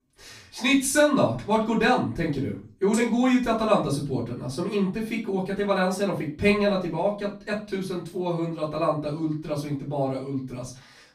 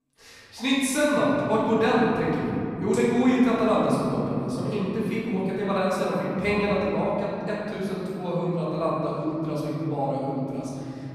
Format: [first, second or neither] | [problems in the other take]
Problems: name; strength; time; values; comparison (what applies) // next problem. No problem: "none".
first | room echo; strong; dies away in 3 s; slight in the first // off-mic speech; far; far in the first